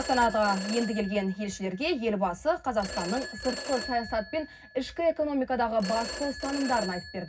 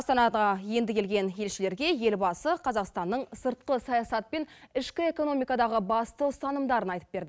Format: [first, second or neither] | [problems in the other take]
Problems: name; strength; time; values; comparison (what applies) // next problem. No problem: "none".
second | background sound (Telephone); 11 dB below the speech // room echo; dies away in 0.4 s